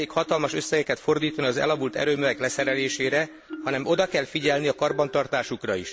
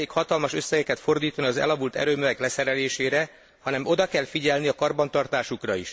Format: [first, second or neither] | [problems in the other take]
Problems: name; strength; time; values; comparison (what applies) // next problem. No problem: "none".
second | background sound (Marimba, xylophone); 15 dB below the speech